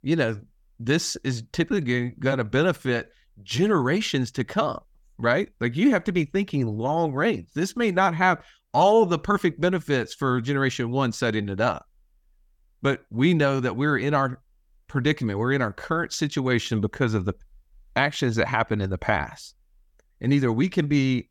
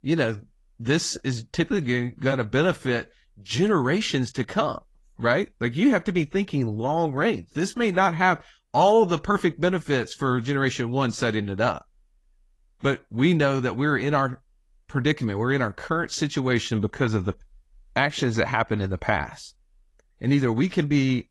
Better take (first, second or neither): first